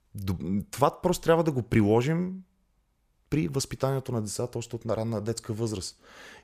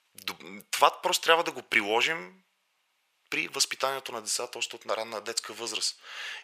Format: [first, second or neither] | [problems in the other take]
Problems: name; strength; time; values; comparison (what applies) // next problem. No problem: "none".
first | thin; very; fading below 750 Hz